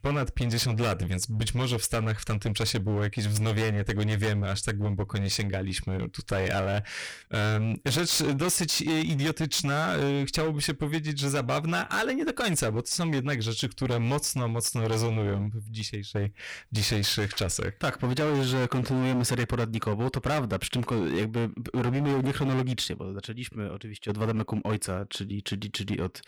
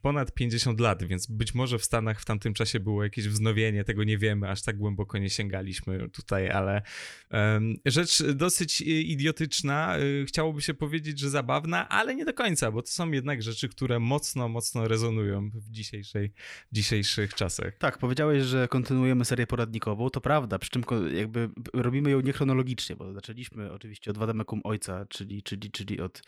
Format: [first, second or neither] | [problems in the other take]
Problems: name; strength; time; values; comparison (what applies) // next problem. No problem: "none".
second | distortion; heavy; 19% of the sound clipped